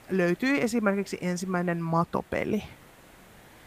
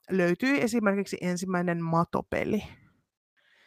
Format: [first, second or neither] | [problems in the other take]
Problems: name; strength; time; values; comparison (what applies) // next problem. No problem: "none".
second | hiss; faint; throughout; 25 dB below the speech